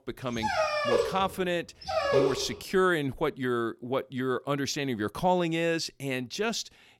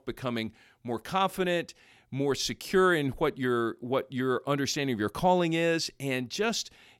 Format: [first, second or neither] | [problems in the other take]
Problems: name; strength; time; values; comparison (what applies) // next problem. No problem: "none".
second | dog barking; loud; until 2.5 s; peak 4 dB above the speech